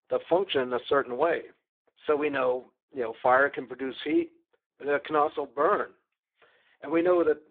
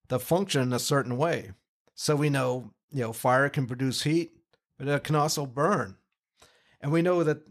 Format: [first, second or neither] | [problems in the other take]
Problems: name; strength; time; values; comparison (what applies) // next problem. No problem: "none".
second | phone-call audio; poor line